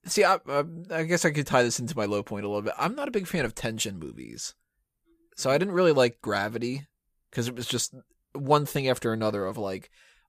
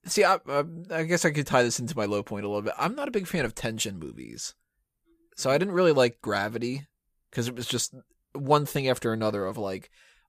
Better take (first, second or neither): neither